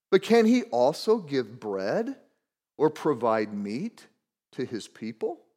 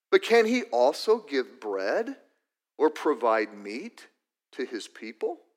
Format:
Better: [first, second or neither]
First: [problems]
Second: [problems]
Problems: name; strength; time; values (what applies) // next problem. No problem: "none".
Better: first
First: none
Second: thin; very slightly; fading below 250 Hz